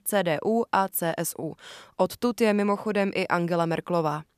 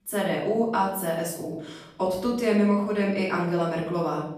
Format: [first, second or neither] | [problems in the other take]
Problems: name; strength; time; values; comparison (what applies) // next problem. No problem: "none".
first | off-mic speech; far // room echo; noticeable; dies away in 0.7 s